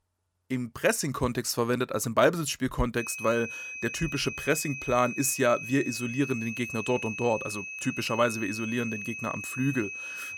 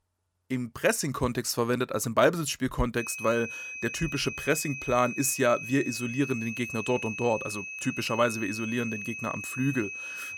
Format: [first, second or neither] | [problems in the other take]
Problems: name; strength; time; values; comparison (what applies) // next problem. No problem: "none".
neither | high-pitched whine; loud; from 3 s on; 2.5 kHz, 7 dB below the speech; the same in both